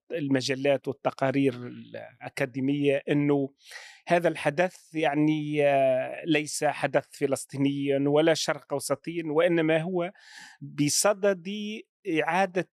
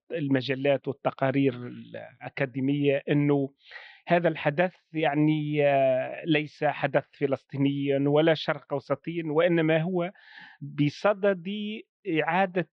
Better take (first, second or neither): first